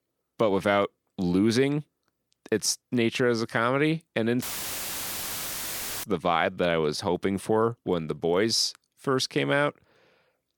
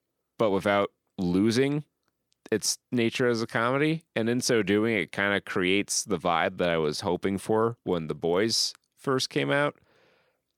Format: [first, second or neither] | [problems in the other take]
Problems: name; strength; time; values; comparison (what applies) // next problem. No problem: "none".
second | audio cutting out; filled with static; at 4.5 s for 1.5 s